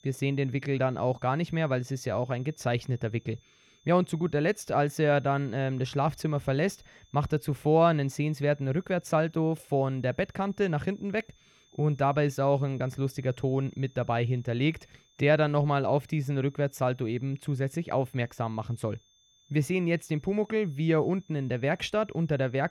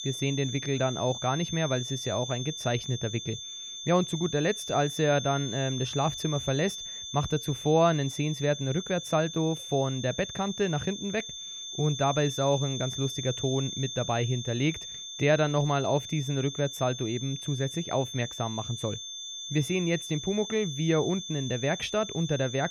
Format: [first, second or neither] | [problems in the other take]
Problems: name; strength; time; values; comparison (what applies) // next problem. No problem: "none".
first | high-pitched whine; loud; throughout; 3.5 kHz, 7 dB below the speech; faint in the first